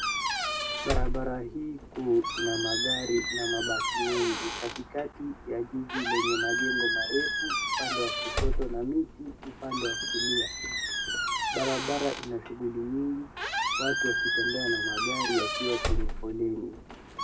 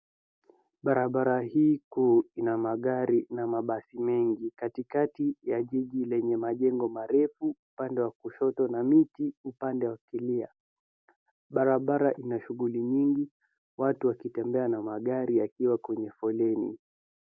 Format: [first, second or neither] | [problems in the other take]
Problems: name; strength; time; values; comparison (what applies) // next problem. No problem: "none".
second | background sound (Squeak); 2 dB above the speech // room echo; dies away in 0.2 s